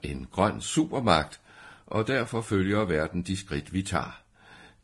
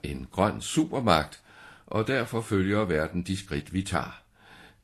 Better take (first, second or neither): second